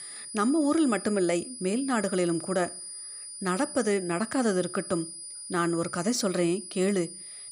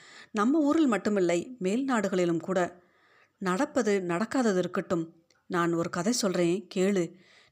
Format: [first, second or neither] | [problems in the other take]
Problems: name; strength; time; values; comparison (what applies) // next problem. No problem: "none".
second | high-pitched whine; noticeable; throughout; 9.5 kHz, 10 dB below the speech